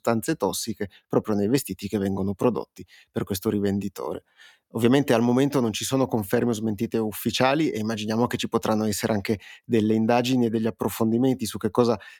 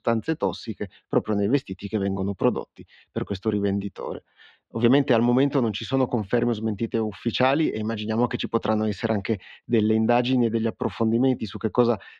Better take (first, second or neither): first